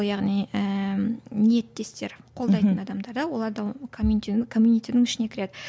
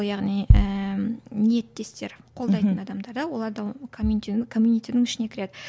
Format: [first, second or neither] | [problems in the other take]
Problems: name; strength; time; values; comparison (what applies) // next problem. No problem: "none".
first | background sound (Bass drum); 1 dB above the speech